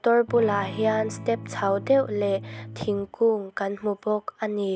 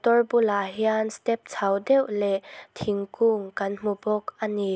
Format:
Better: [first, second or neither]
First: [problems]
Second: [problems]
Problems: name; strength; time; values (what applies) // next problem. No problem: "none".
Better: second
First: background sound (Electric guitar / Strum); 13 dB below the speech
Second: none